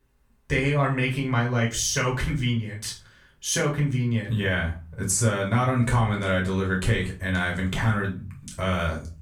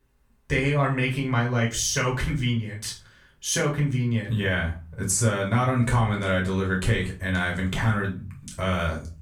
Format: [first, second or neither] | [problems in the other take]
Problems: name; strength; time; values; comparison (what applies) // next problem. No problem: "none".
neither | off-mic speech; far; the same in both // room echo; slight; dies away in 0.3 s; the same in both